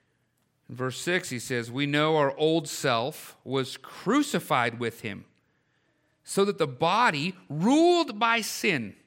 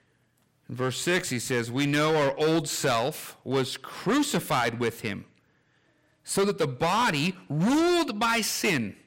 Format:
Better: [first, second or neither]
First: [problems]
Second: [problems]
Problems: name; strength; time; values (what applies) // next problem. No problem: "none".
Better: first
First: none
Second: distortion; heavy; 12% of the sound clipped